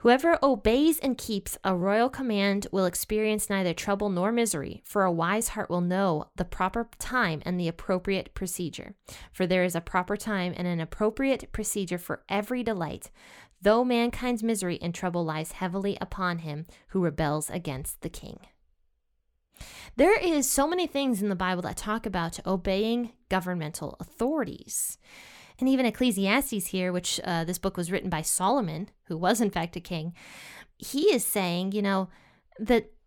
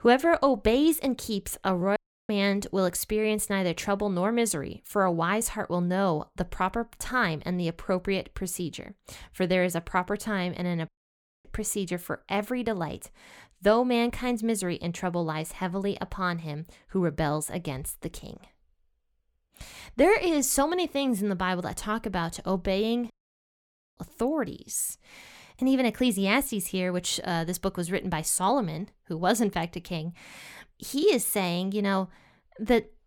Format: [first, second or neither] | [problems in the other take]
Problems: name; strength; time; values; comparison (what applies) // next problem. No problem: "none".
first | audio cutting out; at 2 s, at 11 s for 0.5 s and at 23 s for 1 s